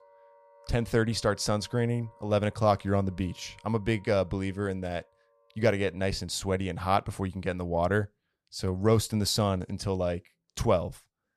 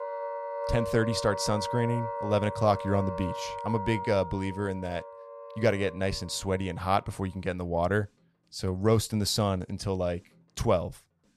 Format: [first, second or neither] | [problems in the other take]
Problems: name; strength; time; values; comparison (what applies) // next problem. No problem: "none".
first | background music; loud; throughout; 7 dB below the speech; faint in the first